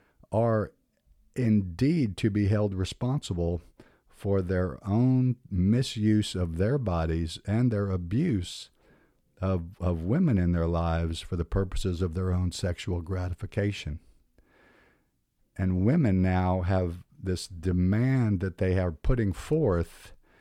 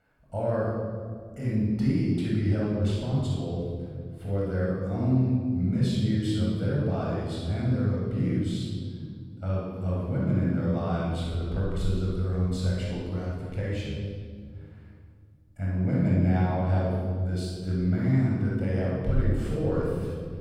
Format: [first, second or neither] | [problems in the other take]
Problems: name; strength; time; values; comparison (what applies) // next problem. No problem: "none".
first | off-mic speech; far // room echo; strong; dies away in 1.9 s